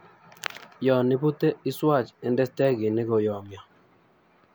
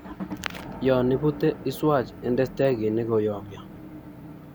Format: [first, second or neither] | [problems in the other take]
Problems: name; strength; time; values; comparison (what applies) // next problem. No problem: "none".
first | background sound (Motor vehicle (road) / Engine); 13 dB below the speech